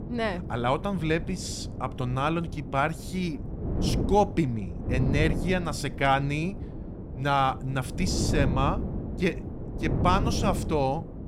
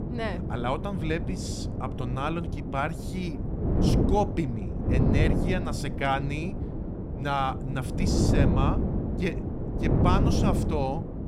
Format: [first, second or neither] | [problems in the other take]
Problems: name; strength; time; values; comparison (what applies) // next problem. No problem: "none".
first | wind noise on the microphone; heavy; 4 dB below the speech; occasional gusts in the first